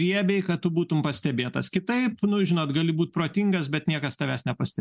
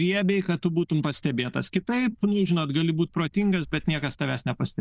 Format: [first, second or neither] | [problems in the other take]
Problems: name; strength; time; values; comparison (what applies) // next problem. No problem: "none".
first | noise reduction (neural diffusion model UNIVERSE++)